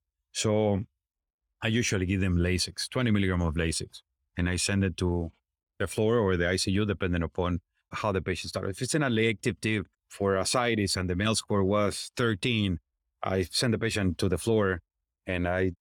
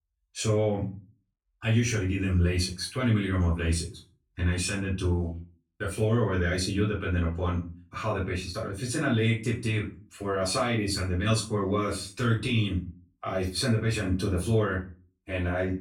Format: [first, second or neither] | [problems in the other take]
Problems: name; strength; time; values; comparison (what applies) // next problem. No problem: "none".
first | off-mic speech; far // room echo; slight; dies away in 0.3 s